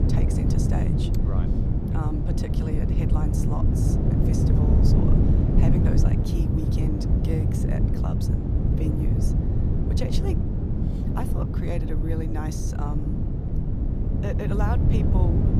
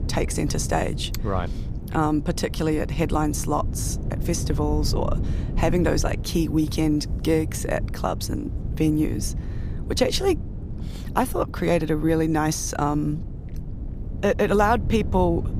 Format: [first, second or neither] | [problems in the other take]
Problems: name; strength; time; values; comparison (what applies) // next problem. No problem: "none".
second | wind noise on the microphone; heavy; 3 dB above the speech; occasional gusts in the second